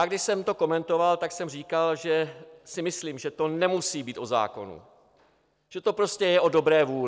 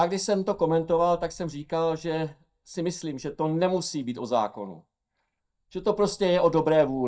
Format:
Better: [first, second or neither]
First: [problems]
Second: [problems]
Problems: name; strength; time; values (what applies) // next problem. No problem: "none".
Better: first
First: none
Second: noise reduction (neural mask model DeepFilterNet 3)